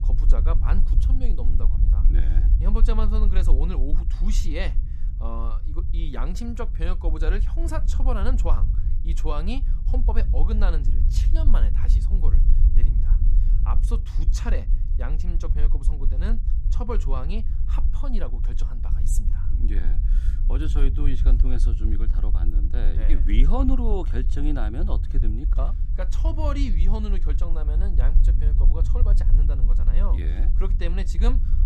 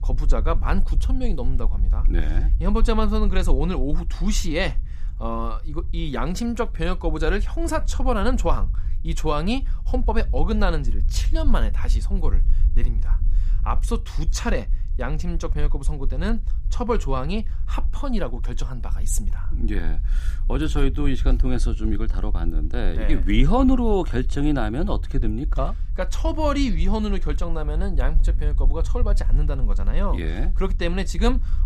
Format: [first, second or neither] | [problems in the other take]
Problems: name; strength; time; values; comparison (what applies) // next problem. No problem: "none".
second | low rumble; loud; throughout; 9 dB below the speech; faint in the second